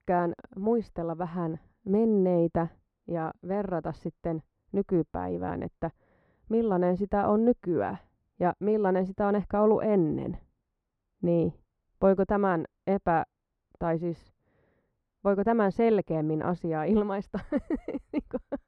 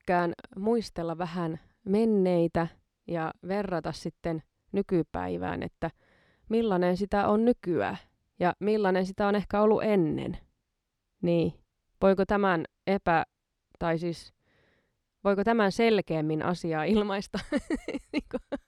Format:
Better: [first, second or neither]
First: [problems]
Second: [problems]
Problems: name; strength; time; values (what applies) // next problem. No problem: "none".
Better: second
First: muffled; very; fading above 2 kHz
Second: none